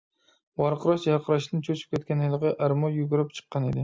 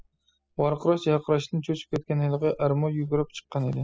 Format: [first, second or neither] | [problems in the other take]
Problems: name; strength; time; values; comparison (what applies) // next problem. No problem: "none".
first | noise reduction (classical method spectral subtraction)